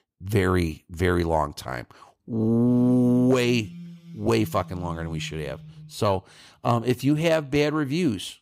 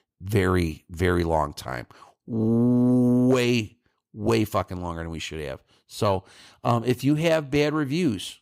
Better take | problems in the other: second | phone ringing; faint; from 2.5 to 6 s; peak 10 dB below the speech

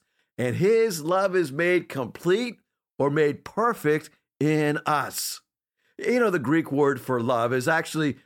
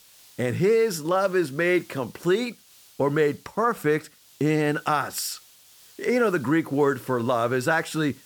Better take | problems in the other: first | hiss; faint; throughout; 25 dB below the speech

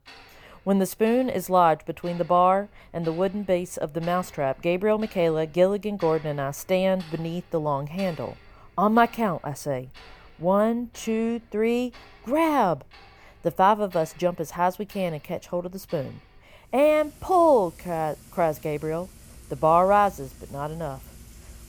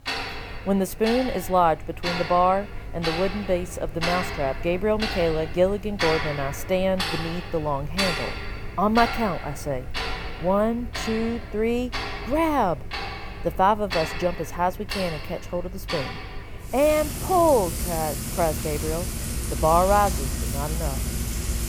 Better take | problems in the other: first | household noises; loud; throughout; 6 dB below the speech; faint in the first

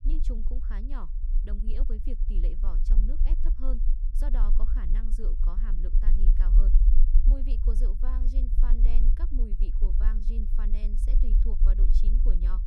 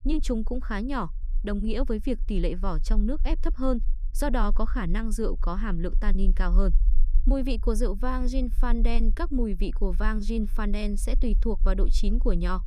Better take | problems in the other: second | low rumble; loud; throughout; 4 dB below the speech; faint in the second

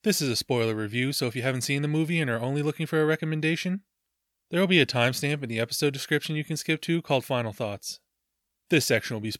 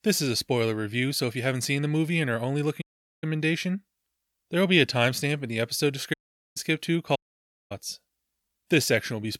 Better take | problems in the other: first | audio cutting out; at 3 s, at 6 s and at 7 s for 0.5 s

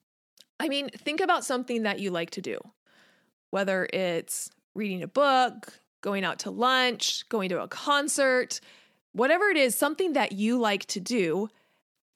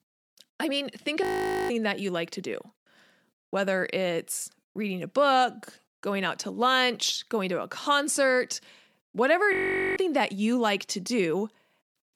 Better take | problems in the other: first | audio freezing; at 1 s and at 9.5 s

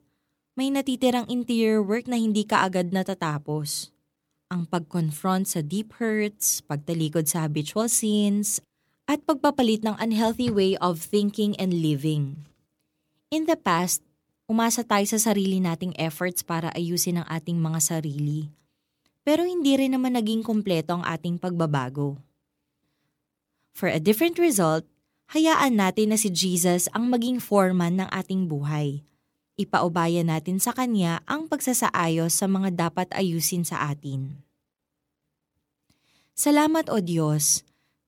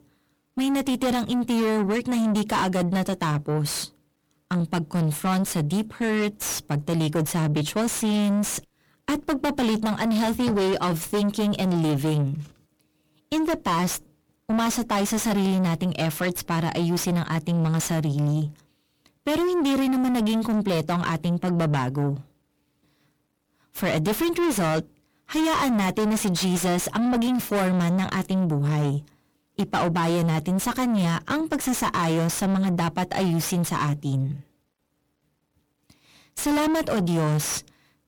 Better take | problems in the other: first | distortion; heavy; 5 dB below the speech

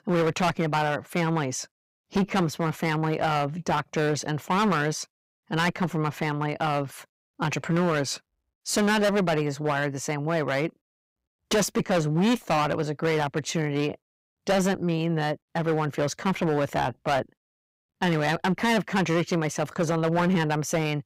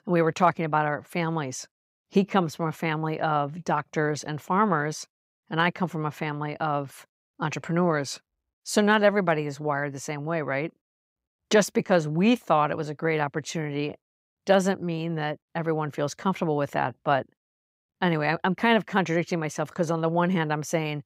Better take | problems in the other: second | distortion; heavy; 13% of the sound clipped

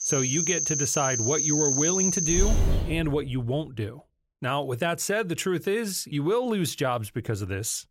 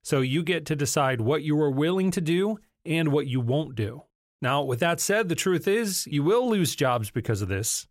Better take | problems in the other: second | animal sounds; very loud; until 2.5 s; 3 dB above the speech

